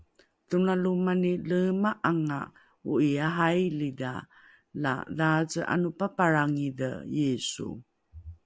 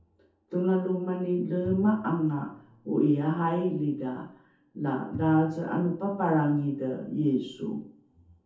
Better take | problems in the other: first | background sound (Bowed string instrument); 19 dB below the speech // room echo; dies away in 0.5 s

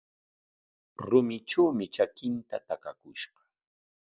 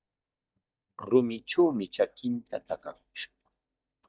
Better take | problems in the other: first | noise reduction (neural mask model DeepFilterNet 3)

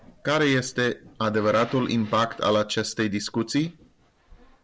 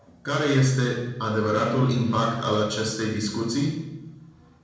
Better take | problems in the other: first | room echo; dies away in 0.9 s

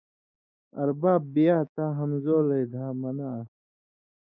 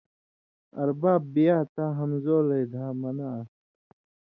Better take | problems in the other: second | noise reduction (neural mask model Resemble Enhance denoiser)

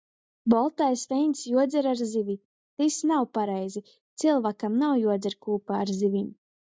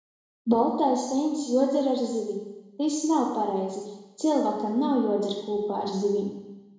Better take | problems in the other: first | room echo; dies away in 1 s

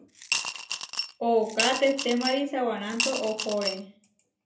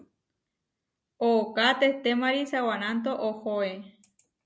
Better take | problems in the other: second | background sound (Coin (dropping) / Glass); 4 dB below the speech // room echo; dies away in 0.3 s

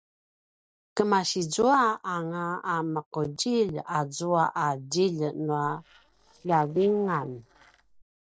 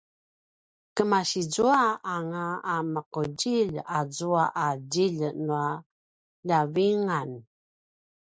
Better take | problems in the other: second | noise reduction (neural separator model SepFormer DNS4)

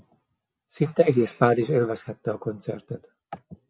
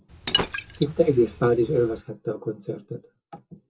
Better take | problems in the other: first | background sound (Liquid); 6 dB below the speech // room echo; dies away in 0.2 s

